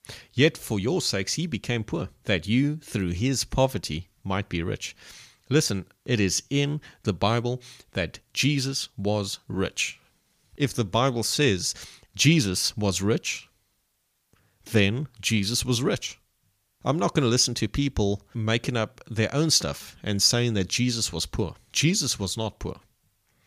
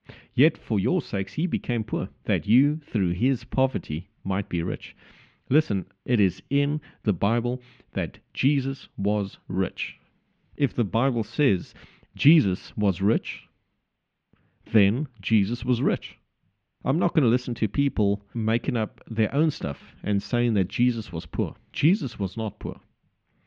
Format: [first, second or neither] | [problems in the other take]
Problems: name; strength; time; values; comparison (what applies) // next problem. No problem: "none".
first | muffled; very; fading above 3 kHz